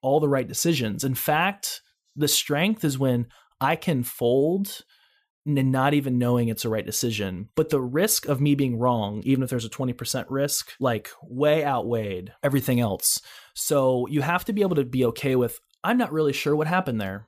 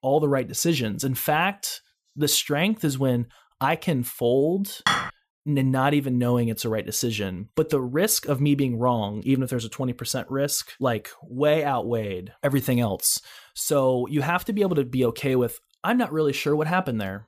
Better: first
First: none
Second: clattering dishes; loud; at 5 s; peak 1 dB above the speech

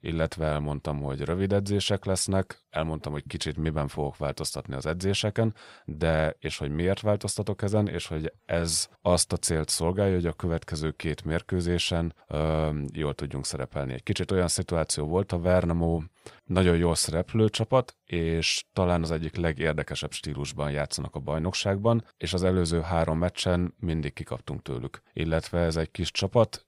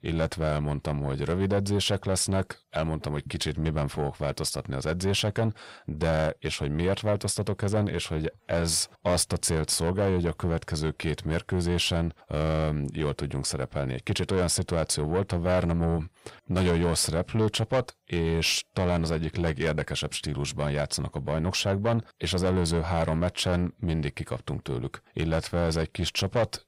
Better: first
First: none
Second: distortion; slight; 10 dB below the speech

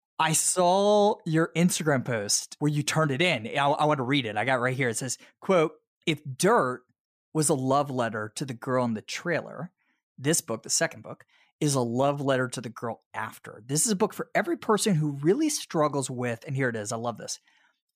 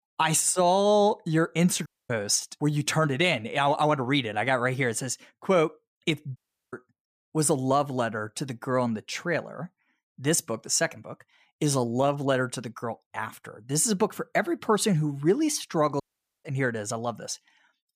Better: first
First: none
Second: audio cutting out; at 2 s, at 6.5 s and at 16 s

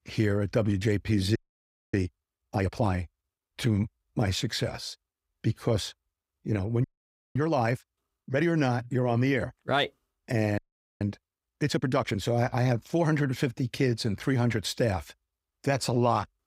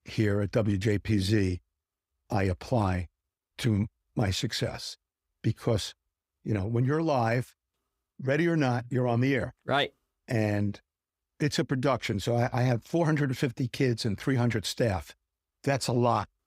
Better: second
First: audio freezing; at 1.5 s for 0.5 s, at 7 s for 0.5 s and at 11 s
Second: none

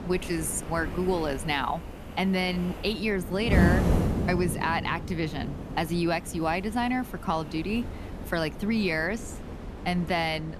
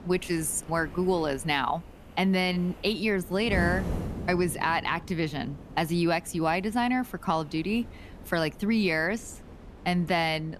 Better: second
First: wind noise on the microphone; heavy; 9 dB below the speech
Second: wind noise on the microphone; occasional gusts; 20 dB below the speech

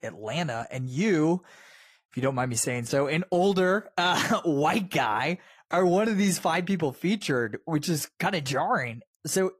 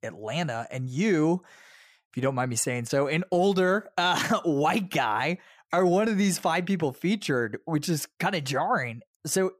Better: second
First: garbled, watery; slightly; nothing above 15 kHz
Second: none

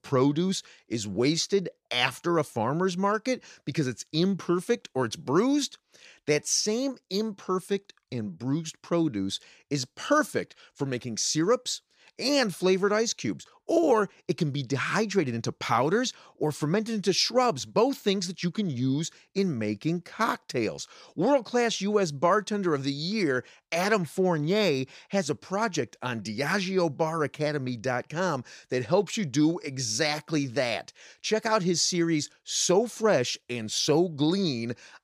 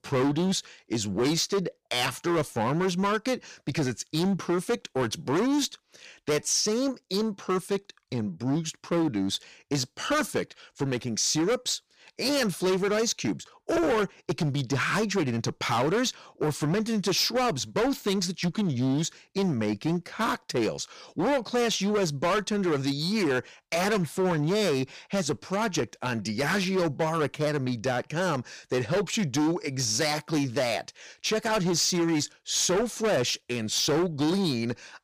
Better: first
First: none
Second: distortion; heavy; 15% of the sound clipped

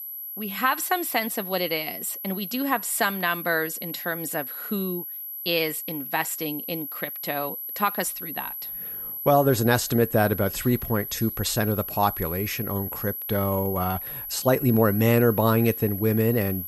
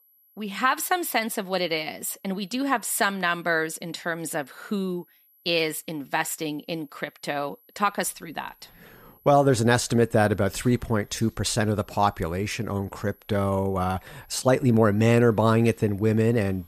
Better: second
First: high-pitched whine; loud; throughout; 11.5 kHz, 7 dB below the speech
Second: high-pitched whine; faint; throughout; 11.5 kHz, 30 dB below the speech

